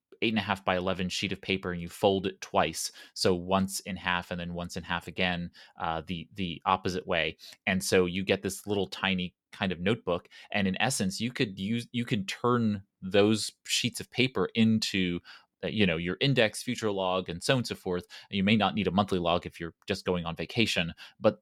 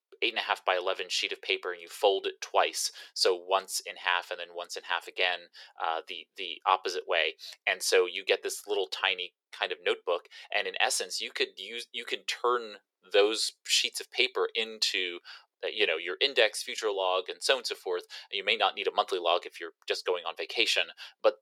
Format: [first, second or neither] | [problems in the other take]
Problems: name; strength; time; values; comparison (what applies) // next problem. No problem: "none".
first | thin; very; fading below 400 Hz